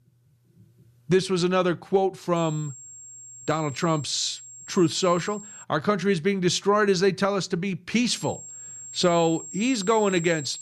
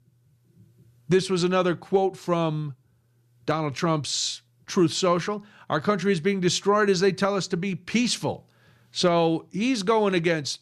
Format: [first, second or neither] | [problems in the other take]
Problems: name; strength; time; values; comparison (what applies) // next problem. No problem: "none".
second | high-pitched whine; noticeable; from 2.5 to 5.5 s and from 8 s on; 7.5 kHz, 15 dB below the speech